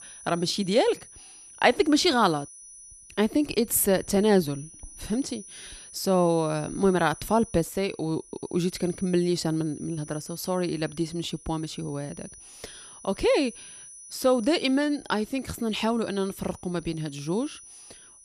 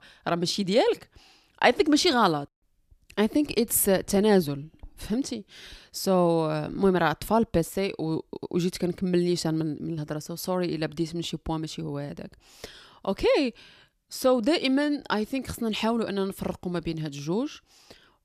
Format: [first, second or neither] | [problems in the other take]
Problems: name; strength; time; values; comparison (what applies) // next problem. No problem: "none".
second | high-pitched whine; noticeable; throughout; 9.5 kHz, 20 dB below the speech